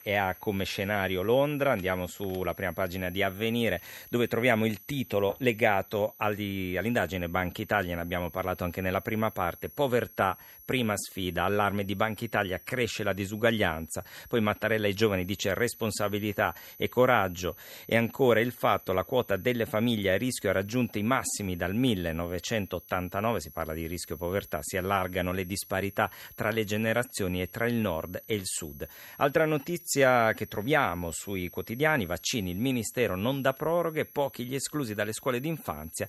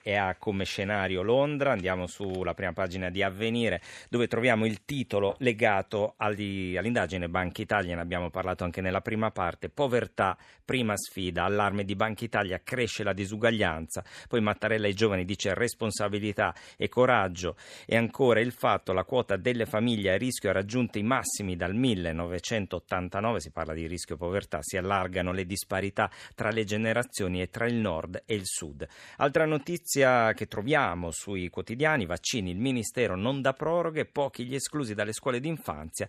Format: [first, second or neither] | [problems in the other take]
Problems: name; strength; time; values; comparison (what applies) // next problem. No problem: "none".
second | high-pitched whine; noticeable; throughout; 12 kHz, 20 dB below the speech